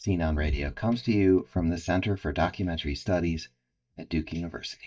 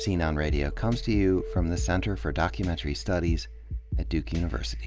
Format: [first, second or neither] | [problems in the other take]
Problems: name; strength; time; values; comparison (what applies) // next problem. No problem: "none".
second | noise reduction (neural mask model DeepFilterNet 3)